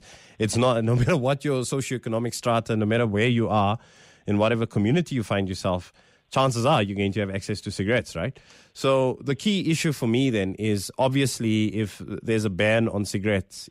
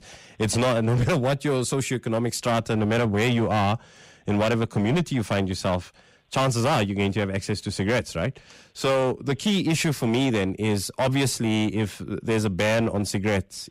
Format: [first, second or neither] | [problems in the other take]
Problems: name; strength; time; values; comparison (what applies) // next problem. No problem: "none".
first | distortion; slight; 14% of the sound clipped